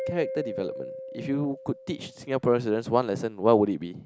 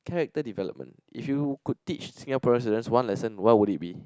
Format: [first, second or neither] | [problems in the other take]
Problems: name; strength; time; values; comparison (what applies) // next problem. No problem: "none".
second | background sound (Mallet percussion); 12 dB below the speech